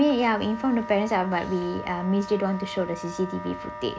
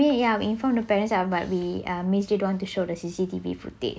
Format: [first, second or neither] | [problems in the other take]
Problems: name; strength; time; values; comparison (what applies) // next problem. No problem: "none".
second | background sound (Wind instrument, woodwind instrument); 12 dB below the speech